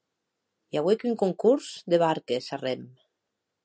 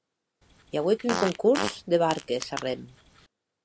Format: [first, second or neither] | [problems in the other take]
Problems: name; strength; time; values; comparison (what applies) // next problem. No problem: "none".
first | background sound (Fart); 8 dB below the speech